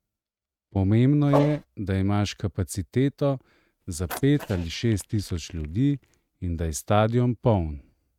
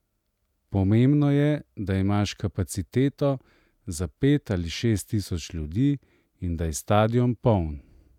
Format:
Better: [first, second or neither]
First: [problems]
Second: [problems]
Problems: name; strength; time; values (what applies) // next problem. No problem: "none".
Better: second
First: noise reduction (neural mask model RNNoise)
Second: none